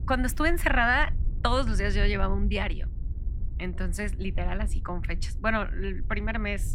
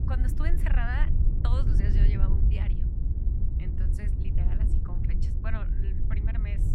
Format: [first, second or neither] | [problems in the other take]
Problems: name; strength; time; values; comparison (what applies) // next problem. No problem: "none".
first | wind noise on the microphone; heavy; 3 dB below the speech; occasional gusts in the first